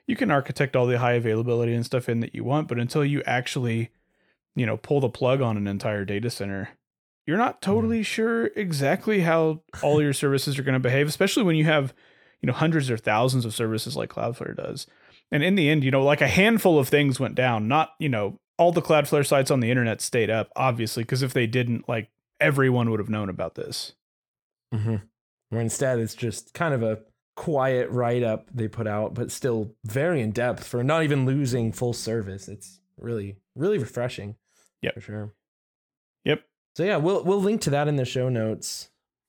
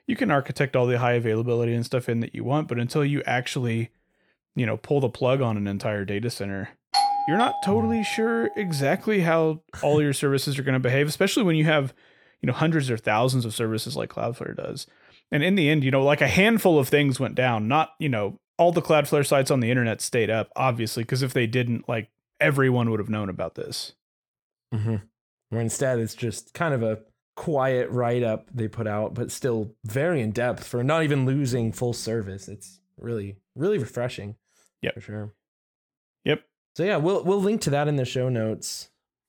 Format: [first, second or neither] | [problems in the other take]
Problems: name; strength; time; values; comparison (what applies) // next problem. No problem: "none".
first | doorbell; loud; from 7 to 8.5 s; peak 2 dB above the speech